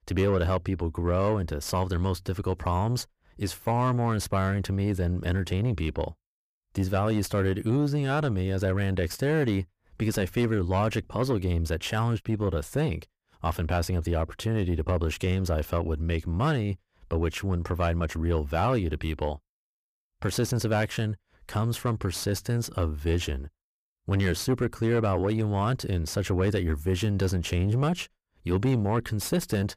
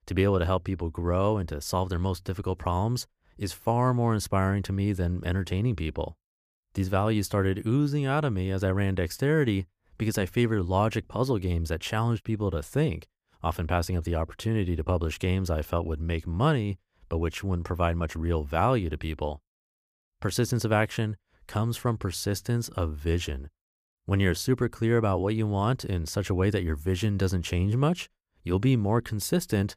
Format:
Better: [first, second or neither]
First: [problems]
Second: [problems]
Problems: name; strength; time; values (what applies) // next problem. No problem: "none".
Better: second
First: distortion; slight; 10 dB below the speech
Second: none